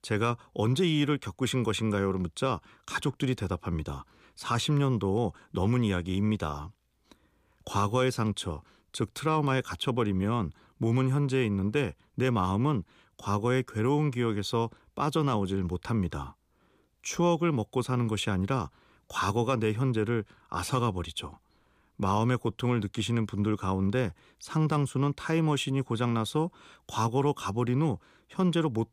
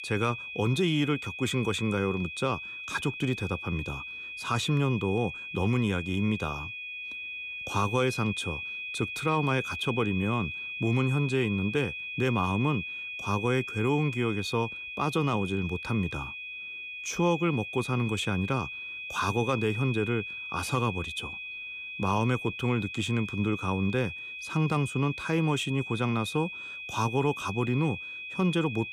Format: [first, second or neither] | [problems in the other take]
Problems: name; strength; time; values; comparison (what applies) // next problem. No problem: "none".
first | high-pitched whine; loud; throughout; 2.5 kHz, 7 dB below the speech